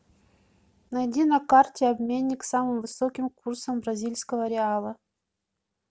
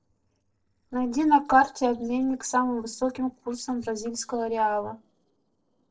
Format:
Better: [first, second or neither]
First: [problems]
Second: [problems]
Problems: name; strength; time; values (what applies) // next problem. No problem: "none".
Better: first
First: none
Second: noise reduction (neural separator model SepFormer DNS4)